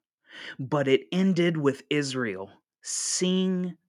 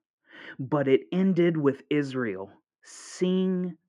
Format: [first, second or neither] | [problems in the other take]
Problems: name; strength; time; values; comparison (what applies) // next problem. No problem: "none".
first | muffled; slightly; fading above 3 kHz